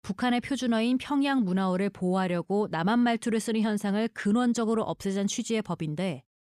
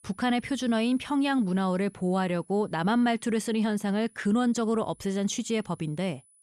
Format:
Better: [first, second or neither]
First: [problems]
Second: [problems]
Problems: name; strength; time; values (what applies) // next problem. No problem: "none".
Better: first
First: none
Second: high-pitched whine; faint; throughout; 10 kHz, 30 dB below the speech